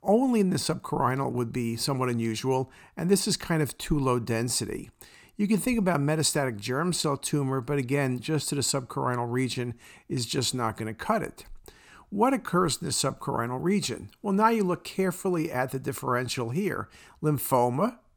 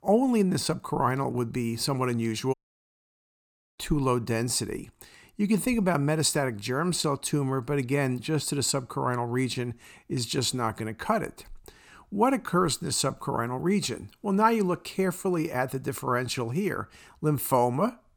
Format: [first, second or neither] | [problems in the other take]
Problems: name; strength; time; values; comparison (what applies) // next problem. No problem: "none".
first | audio cutting out; at 2.5 s for 1 s